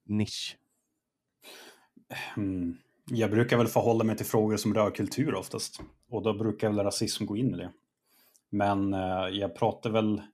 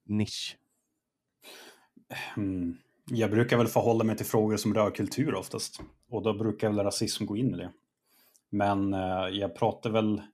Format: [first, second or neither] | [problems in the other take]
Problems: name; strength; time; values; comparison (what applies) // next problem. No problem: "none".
neither | none